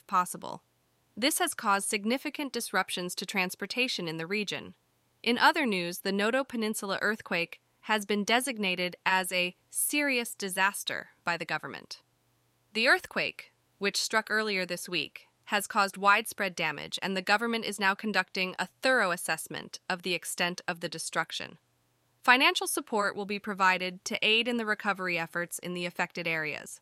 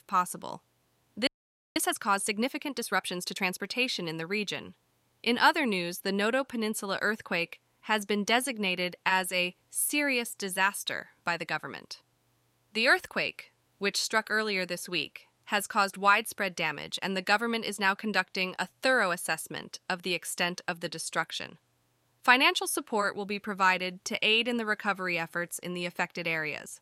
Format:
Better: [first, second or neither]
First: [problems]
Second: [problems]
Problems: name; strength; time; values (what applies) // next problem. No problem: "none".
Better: first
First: none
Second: audio freezing; at 1.5 s